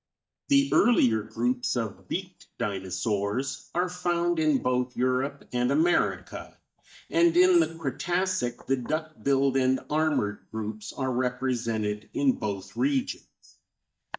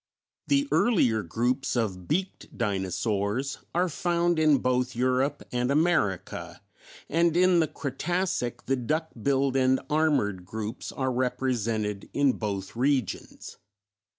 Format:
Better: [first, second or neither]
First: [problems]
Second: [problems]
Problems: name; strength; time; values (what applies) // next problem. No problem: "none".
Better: second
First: noise reduction (neural mask model DeepFilterNet 3)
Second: none